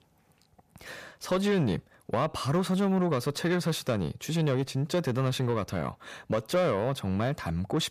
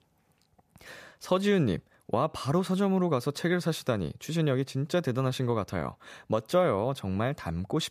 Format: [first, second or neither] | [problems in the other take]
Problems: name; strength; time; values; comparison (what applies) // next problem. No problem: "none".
second | distortion; slight; 10 dB below the speech